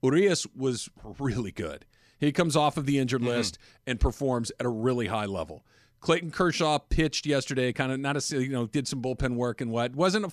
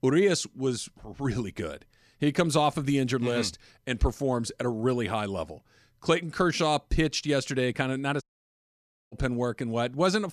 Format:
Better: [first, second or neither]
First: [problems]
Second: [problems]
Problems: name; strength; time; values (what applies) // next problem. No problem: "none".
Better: first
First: none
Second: audio cutting out; at 8 s for 1 s